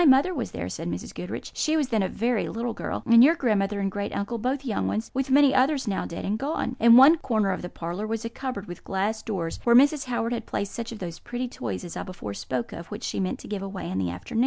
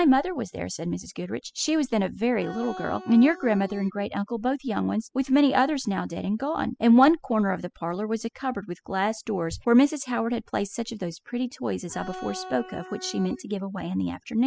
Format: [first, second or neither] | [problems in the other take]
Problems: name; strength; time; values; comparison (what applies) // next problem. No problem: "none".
first | noise reduction (classical method spectral subtraction)